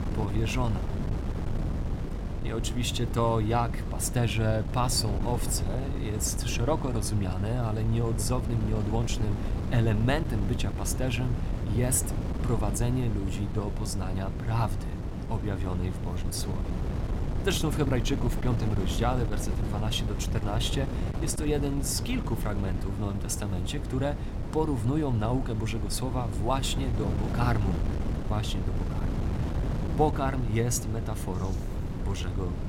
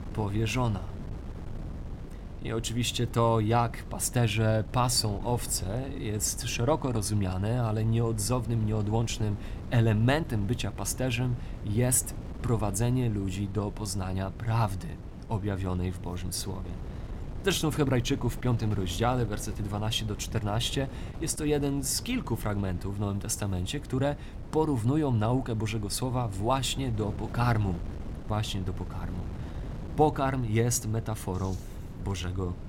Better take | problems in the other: second | wind noise on the microphone; heavy; 8 dB below the speech; occasional gusts in the second

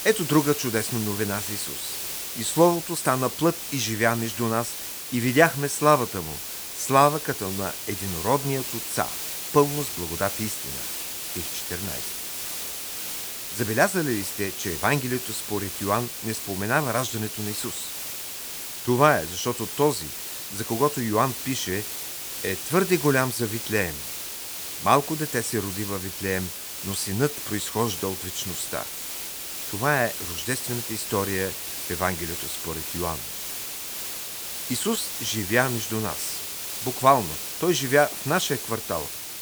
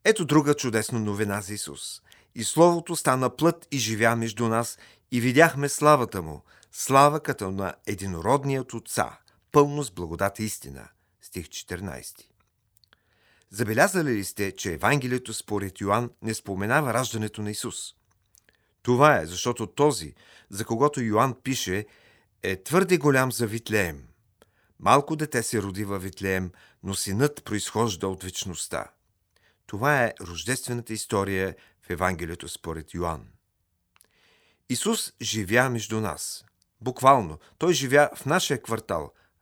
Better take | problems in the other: second | hiss; loud; throughout; 4 dB below the speech

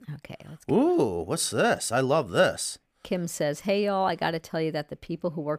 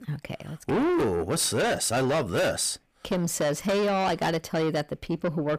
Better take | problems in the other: first | distortion; heavy; 6 dB below the speech

